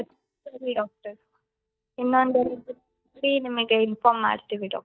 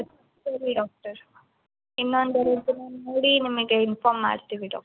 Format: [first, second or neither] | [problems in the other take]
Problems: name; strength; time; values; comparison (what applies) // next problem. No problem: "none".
second | noise reduction (neural mask model DeepFilterNet 3)